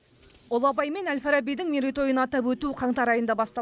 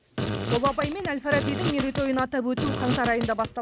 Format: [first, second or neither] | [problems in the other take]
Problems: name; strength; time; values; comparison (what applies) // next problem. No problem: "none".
first | background sound (Fart); 3 dB below the speech